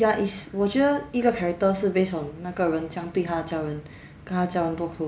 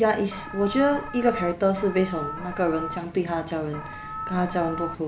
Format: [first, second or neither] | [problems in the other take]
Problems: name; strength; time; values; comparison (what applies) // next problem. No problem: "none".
first | background sound (Alarm); 10 dB below the speech